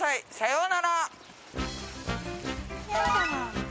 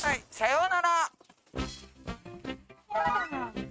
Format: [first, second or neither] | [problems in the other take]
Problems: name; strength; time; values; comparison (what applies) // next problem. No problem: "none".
first | noise reduction (neural mask model RNNoise)